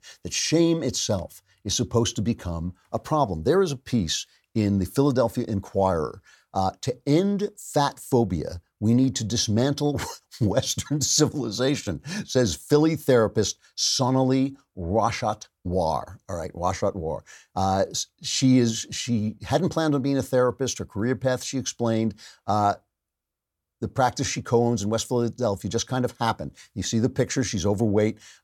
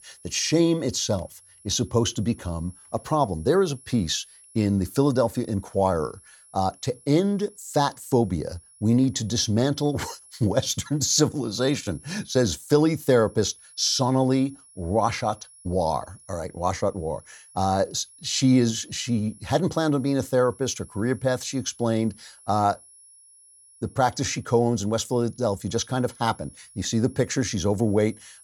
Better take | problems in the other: first | high-pitched whine; faint; throughout; 10.5 kHz, 25 dB below the speech

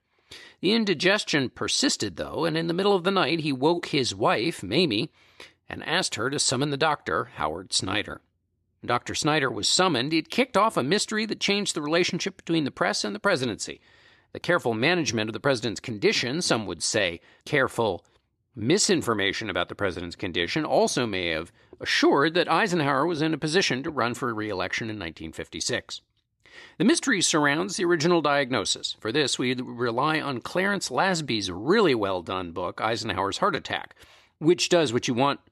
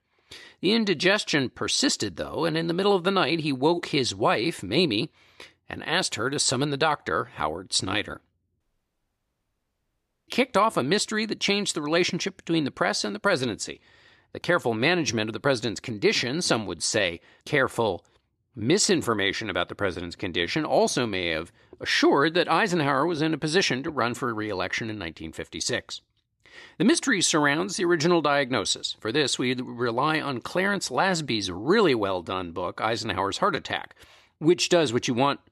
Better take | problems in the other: first | audio cutting out; at 8.5 s for 1.5 s

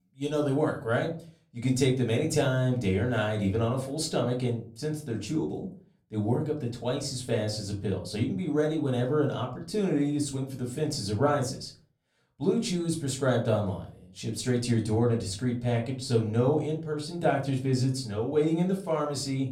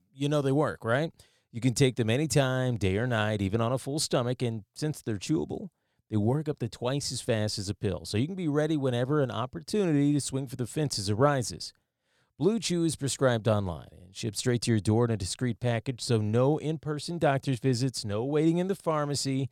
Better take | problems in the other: second | off-mic speech; far // room echo; very slight; dies away in 0.3 s

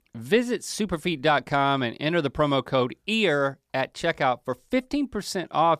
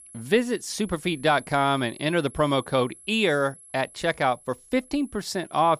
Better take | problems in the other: first | high-pitched whine; faint; throughout; 11 kHz, 20 dB below the speech

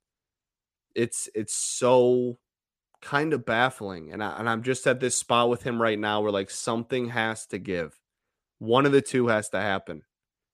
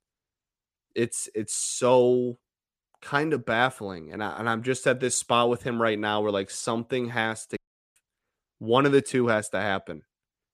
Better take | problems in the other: first | audio cutting out; at 7.5 s

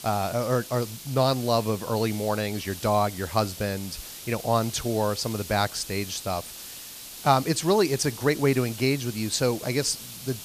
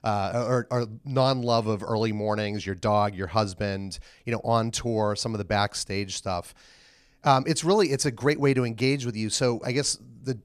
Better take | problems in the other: second | hiss; noticeable; throughout; 10 dB below the speech

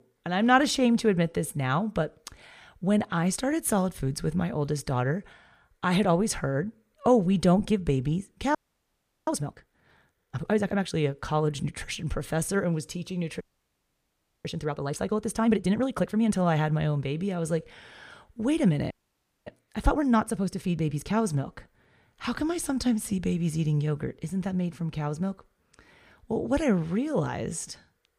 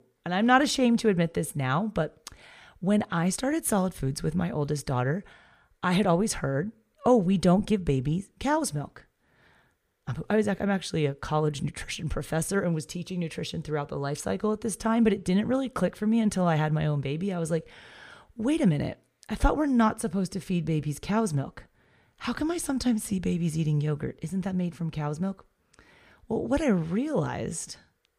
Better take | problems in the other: second | audio freezing; at 8.5 s for 0.5 s, at 13 s for 1 s and at 19 s for 0.5 s

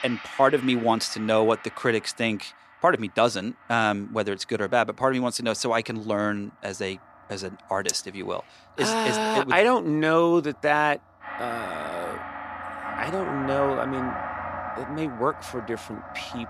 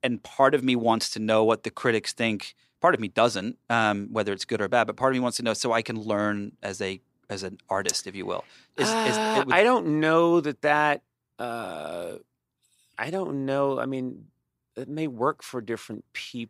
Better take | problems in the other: second | background music; noticeable; throughout; 10 dB below the speech

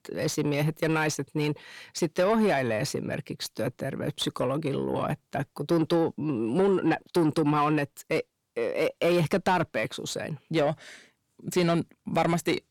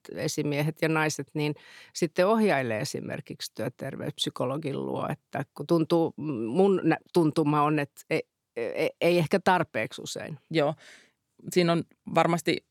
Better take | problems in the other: second | distortion; slight; 10 dB below the speech

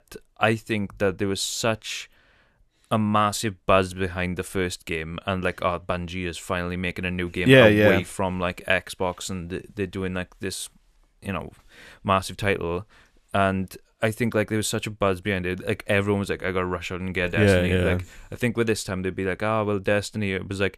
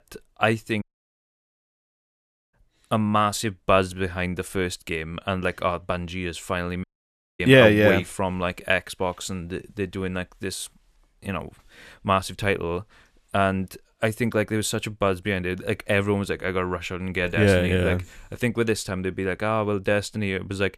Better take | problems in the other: first | audio cutting out; at 1 s for 1.5 s and at 7 s for 0.5 s

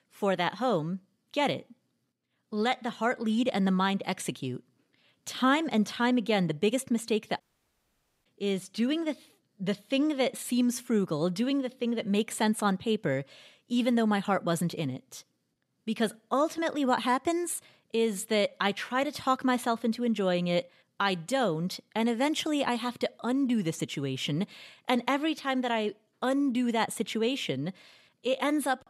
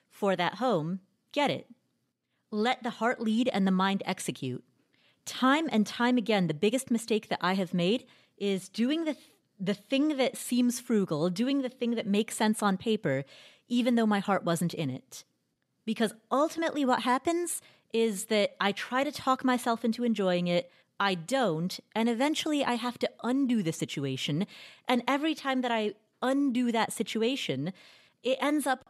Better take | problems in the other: second | audio cutting out; at 7.5 s for 1 s

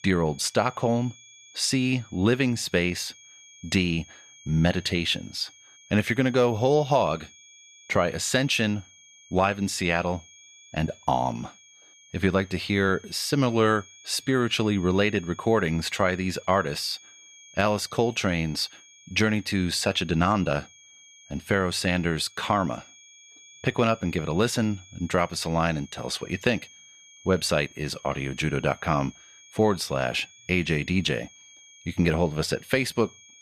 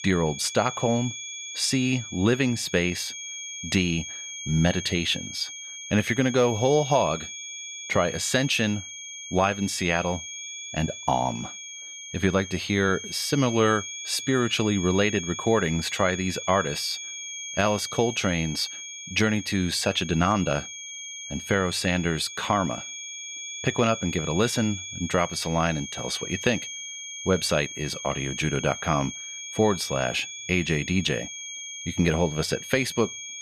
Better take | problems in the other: first | high-pitched whine; loud; throughout; 3.5 kHz, 9 dB below the speech; faint in the first

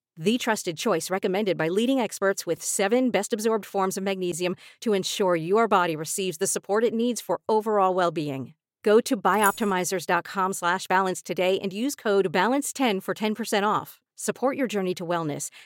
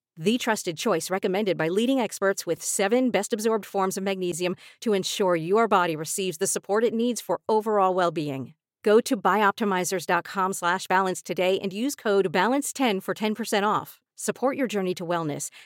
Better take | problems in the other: second | jangling keys; noticeable; at 9.5 s; peak 8 dB below the speech

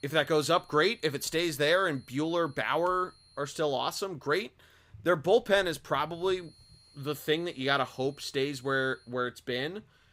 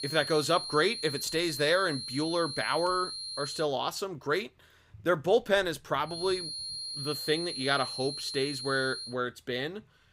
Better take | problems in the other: first | high-pitched whine; loud; until 3.5 s and from 6 to 9 s; 4 kHz, 6 dB below the speech; faint in the first

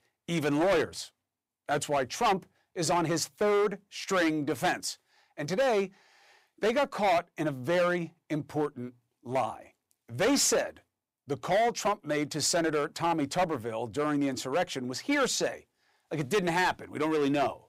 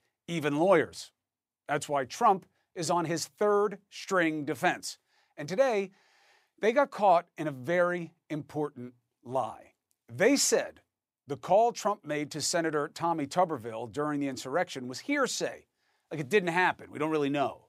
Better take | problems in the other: second | distortion; heavy; 9% of the sound clipped

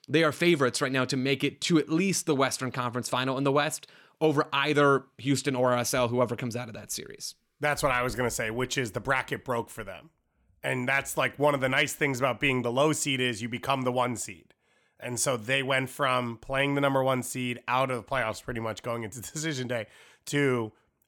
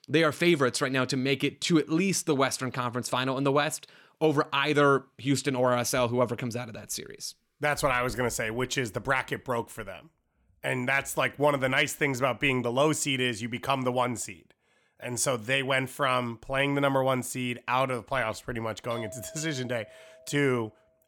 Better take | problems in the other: first | doorbell; faint; from 19 to 20 s; peak 15 dB below the speech

